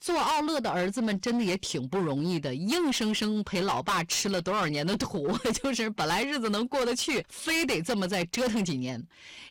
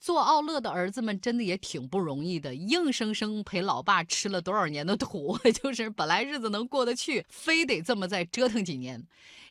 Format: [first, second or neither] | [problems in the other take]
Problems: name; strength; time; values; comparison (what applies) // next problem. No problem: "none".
second | distortion; heavy; 22% of the sound clipped